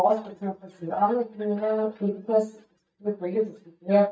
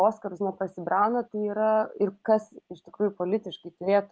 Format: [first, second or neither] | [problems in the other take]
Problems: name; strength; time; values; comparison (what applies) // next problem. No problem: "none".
second | noise reduction (neural mask model DeepFilterNet 3)